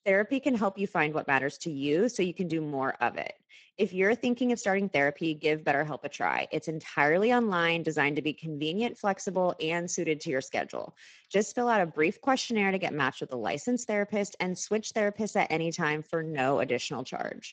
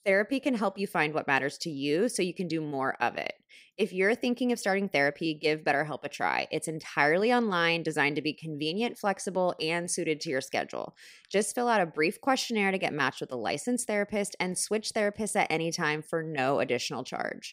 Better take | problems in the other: second | garbled, watery; slightly; nothing above 7.5 kHz

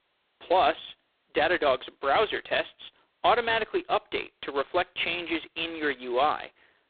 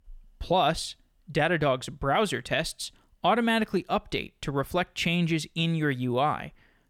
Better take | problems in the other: second | phone-call audio; poor line; nothing above 3.5 kHz

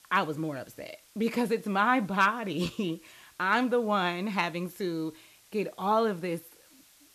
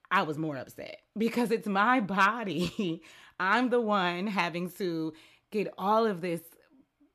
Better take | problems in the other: second | hiss; faint; throughout; 30 dB below the speech

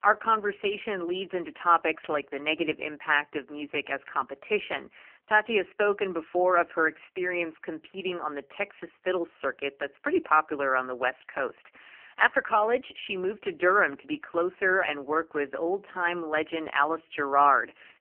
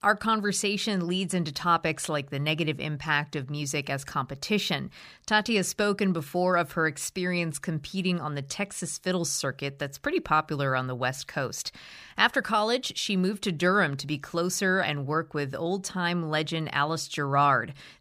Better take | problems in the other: second | phone-call audio; poor line; nothing above 3 kHz

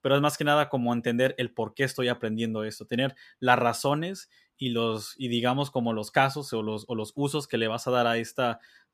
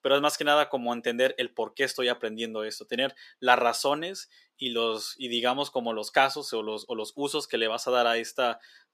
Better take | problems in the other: first | thin; somewhat; fading below 400 Hz

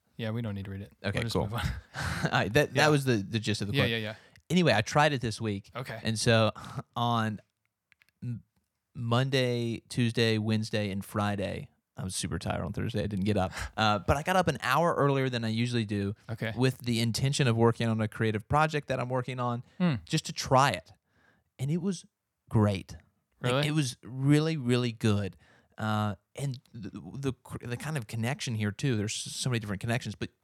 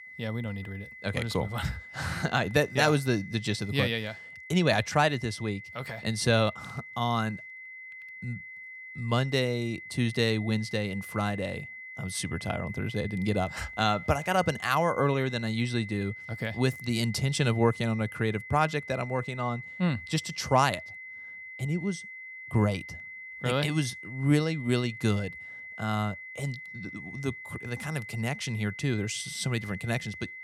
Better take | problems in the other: first | high-pitched whine; noticeable; throughout; 2 kHz, 10 dB below the speech

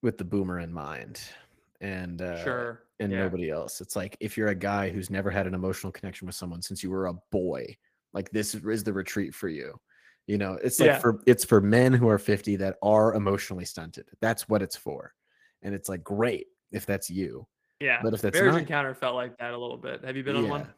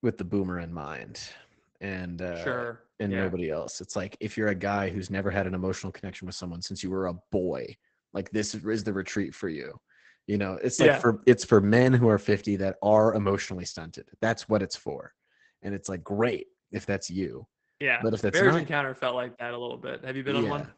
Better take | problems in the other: first | garbled, watery; badly; nothing above 8 kHz; slightly in the first

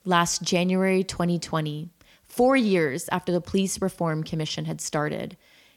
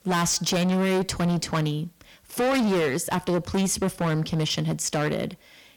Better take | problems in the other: first | distortion; heavy; 20% of the sound clipped

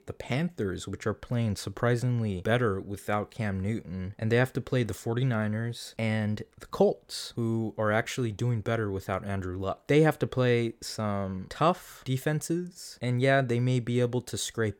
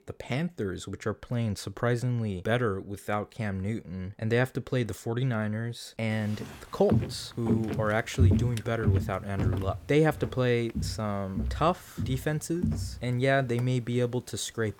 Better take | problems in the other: first | footsteps; loud; from 6.5 to 13 s; peak 6 dB above the speech

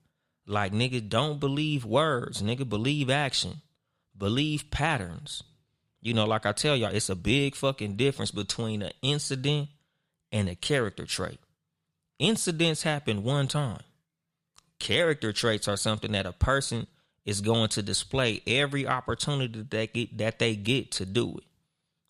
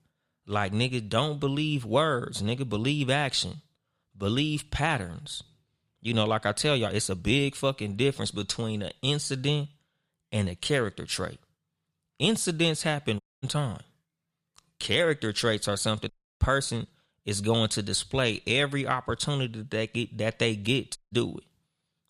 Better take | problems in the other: first | audio cutting out; at 13 s, at 16 s and at 21 s

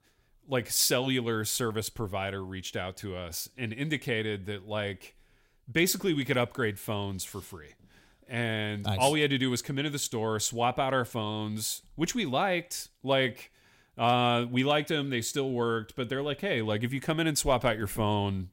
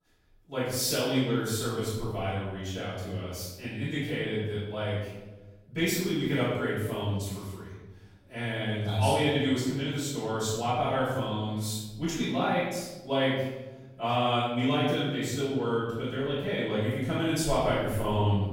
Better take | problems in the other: first | off-mic speech; far // room echo; strong; dies away in 1.2 s

